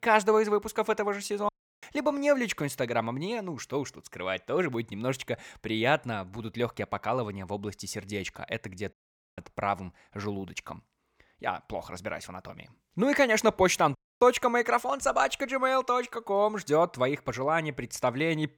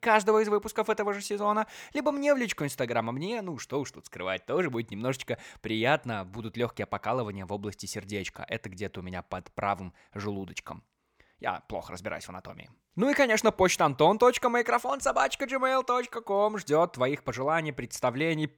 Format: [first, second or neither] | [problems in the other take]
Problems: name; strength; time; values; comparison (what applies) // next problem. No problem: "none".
second | audio cutting out; at 1.5 s, at 9 s and at 14 s